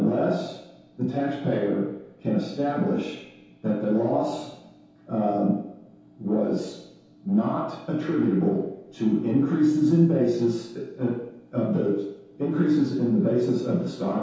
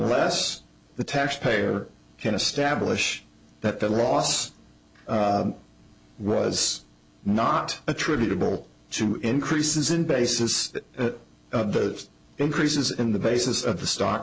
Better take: second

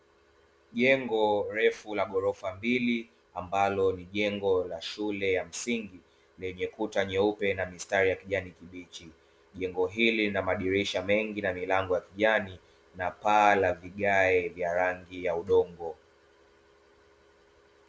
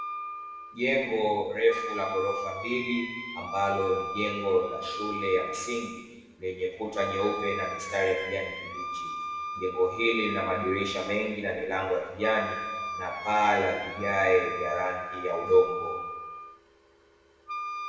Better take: first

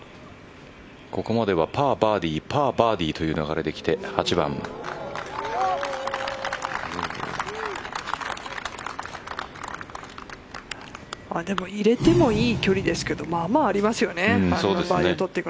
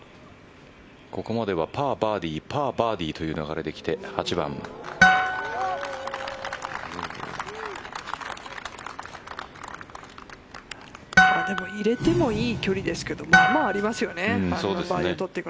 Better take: first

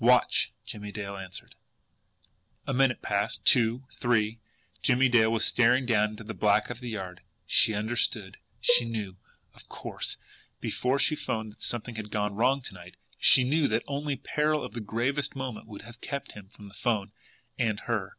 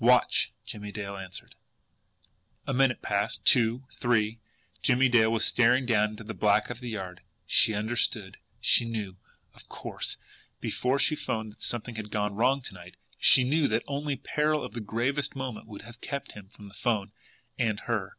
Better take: second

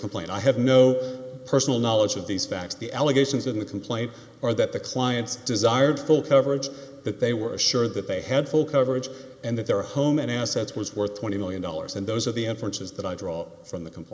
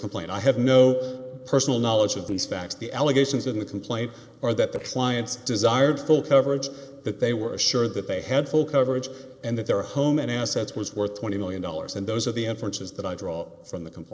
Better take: first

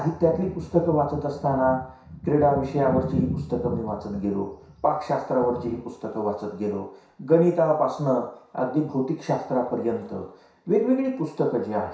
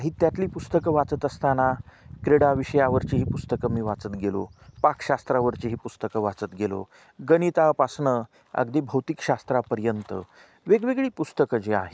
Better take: second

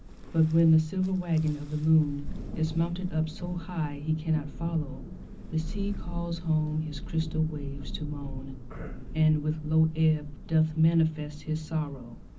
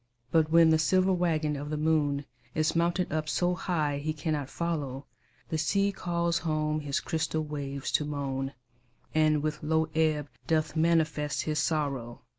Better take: second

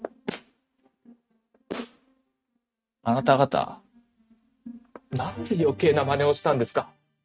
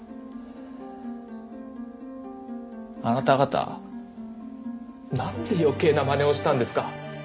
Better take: second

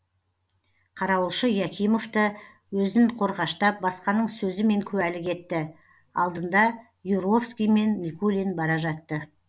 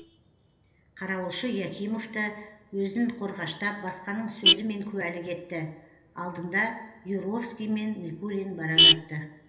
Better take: first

